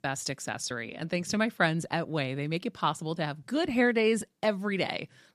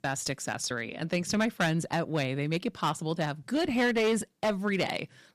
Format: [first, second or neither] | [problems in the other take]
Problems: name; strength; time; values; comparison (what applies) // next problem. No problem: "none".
first | distortion; slight; 8% of the sound clipped